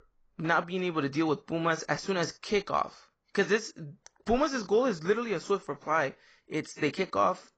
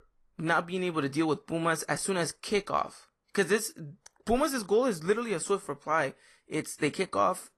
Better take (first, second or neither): second